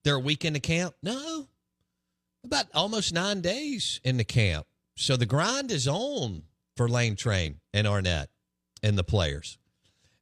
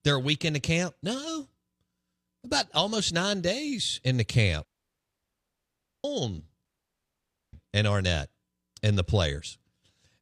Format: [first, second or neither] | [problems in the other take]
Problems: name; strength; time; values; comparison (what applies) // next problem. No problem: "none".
first | audio cutting out; at 4.5 s for 1.5 s and at 6.5 s for 1 s